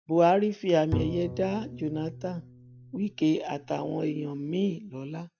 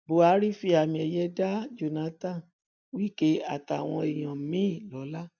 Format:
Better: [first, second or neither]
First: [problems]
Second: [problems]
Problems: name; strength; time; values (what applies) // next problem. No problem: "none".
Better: second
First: background sound (Bowed string instrument); 10 dB below the speech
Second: none